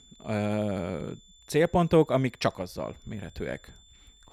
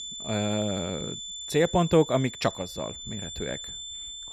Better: first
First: high-pitched whine; faint; throughout; 3.5 kHz, 30 dB below the speech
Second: high-pitched whine; loud; throughout; 3.5 kHz, 9 dB below the speech

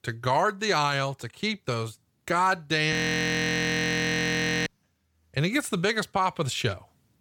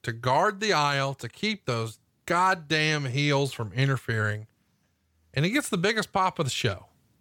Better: second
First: audio freezing; at 3 s for 1.5 s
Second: none

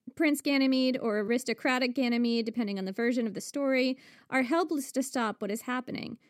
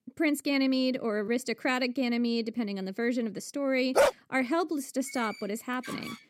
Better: first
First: none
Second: dog barking; loud; at 4 s; peak 5 dB above the speech // door banging; faint; from 5 s on; peak 10 dB below the speech

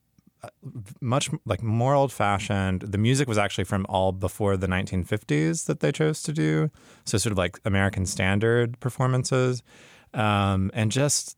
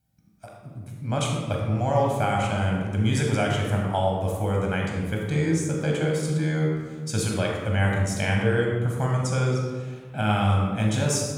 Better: first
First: none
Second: off-mic speech; somewhat distant // room echo; noticeable; dies away in 1.1 s

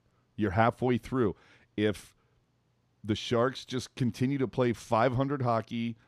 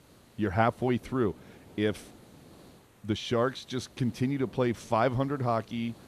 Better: first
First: none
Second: hiss; faint; throughout; 25 dB below the speech

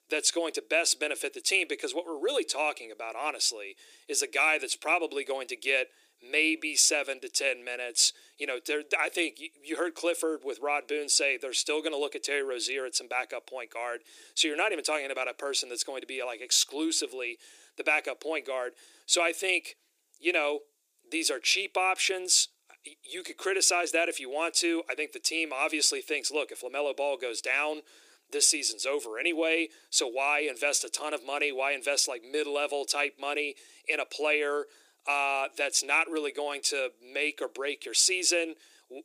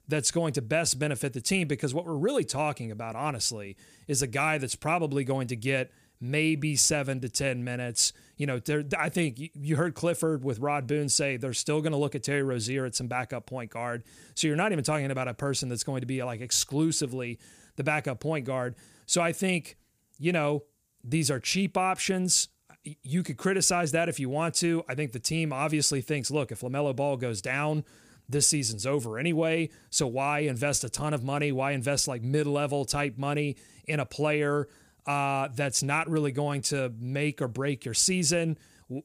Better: second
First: thin; very; fading below 350 Hz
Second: none

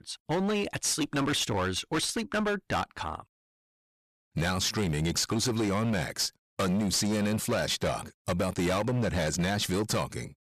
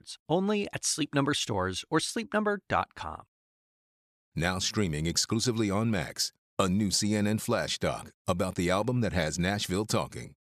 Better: second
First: distortion; heavy; 17% of the sound clipped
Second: none

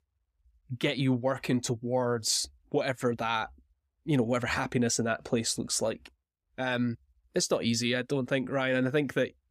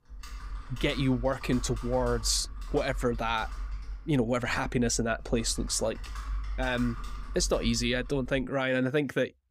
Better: first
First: none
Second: keyboard typing; noticeable; until 8.5 s; peak 8 dB below the speech

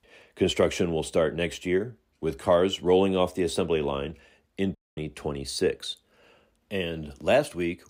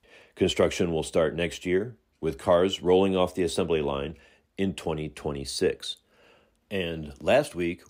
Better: second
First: audio cutting out; at 5 s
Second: none

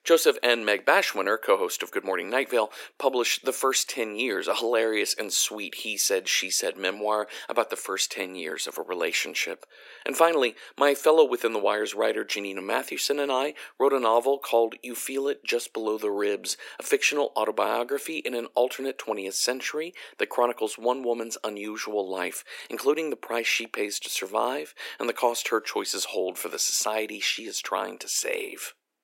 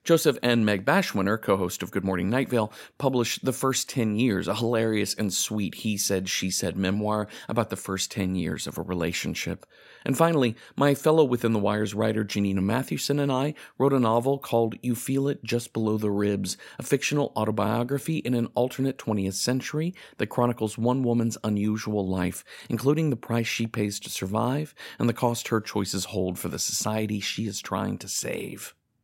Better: second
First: thin; very; fading below 350 Hz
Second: none

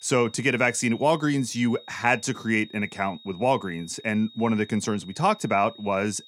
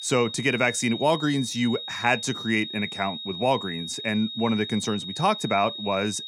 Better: first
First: high-pitched whine; faint; throughout; 3.5 kHz, 20 dB below the speech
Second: high-pitched whine; loud; throughout; 3.5 kHz, 8 dB below the speech

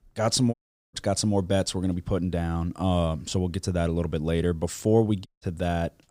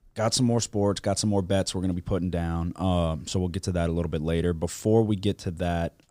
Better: second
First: audio cutting out; at 0.5 s and at 5.5 s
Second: none

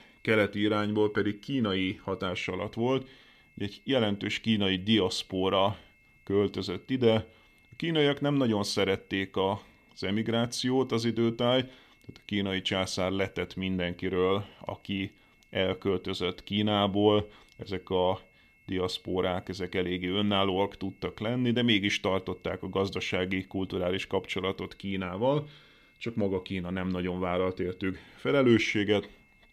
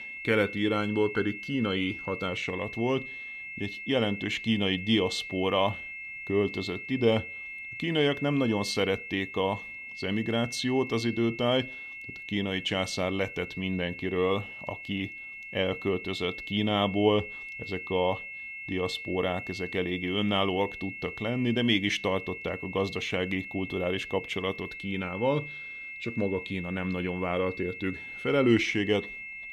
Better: first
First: high-pitched whine; faint; throughout; 2 kHz, 35 dB below the speech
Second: high-pitched whine; loud; throughout; 2 kHz, 9 dB below the speech

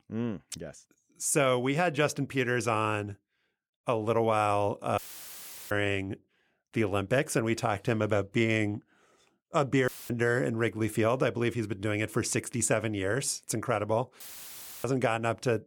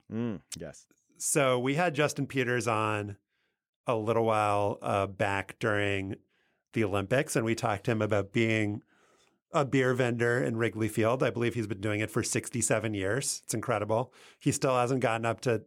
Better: second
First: audio cutting out; filled with static; at 5 s for 0.5 s, at 10 s and at 14 s for 0.5 s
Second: none

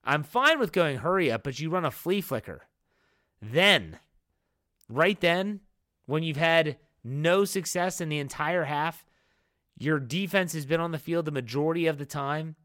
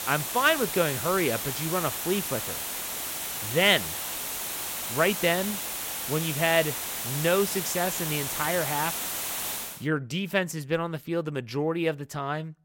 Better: first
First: none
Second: hiss; loud; until 9.5 s; 3 dB below the speech

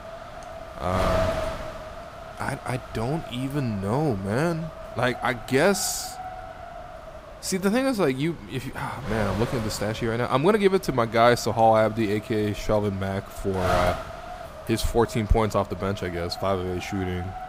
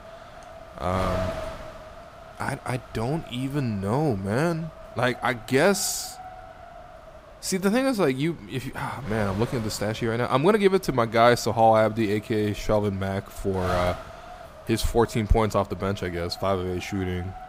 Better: second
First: wind noise on the microphone; heavy; 8 dB below the speech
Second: wind noise on the microphone; occasional gusts; 15 dB below the speech

